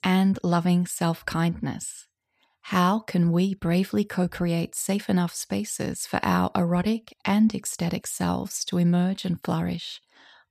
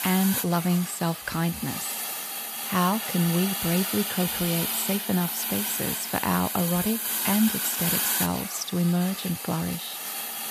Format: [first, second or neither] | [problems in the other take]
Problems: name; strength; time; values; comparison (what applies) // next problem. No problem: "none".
first | hiss; loud; throughout; 1 dB below the speech